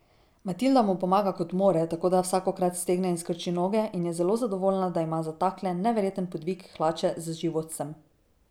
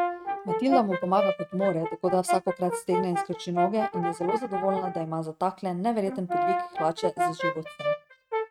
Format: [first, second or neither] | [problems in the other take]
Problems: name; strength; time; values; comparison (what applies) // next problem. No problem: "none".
first | noise reduction (neural mask model RNNoise)